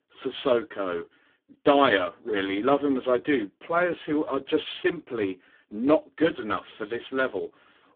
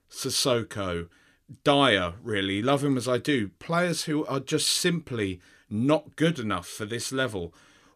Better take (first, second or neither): second